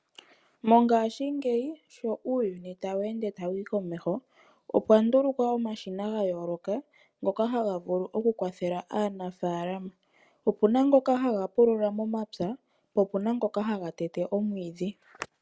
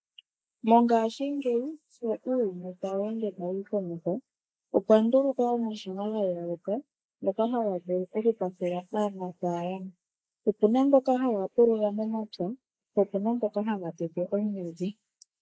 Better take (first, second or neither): first